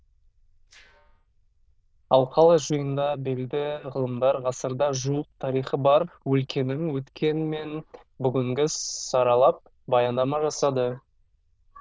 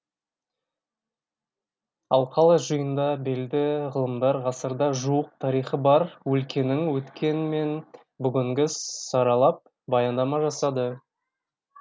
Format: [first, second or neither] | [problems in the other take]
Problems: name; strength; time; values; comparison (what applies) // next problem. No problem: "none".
second | noise reduction (neural diffusion model UNIVERSE++)